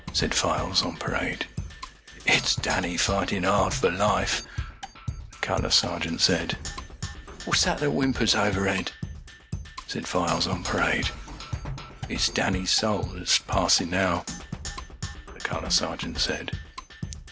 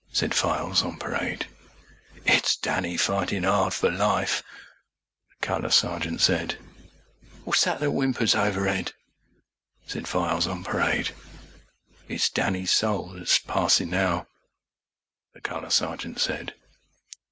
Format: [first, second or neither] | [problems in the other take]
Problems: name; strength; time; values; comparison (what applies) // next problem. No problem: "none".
second | background sound (Percussion); 9 dB below the speech